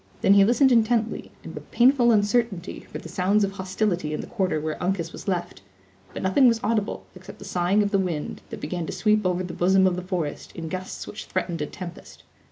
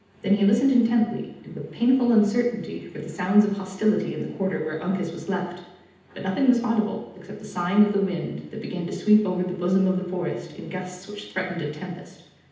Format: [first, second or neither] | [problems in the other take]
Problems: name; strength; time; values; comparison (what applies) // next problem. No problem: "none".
first | room echo; dies away in 0.9 s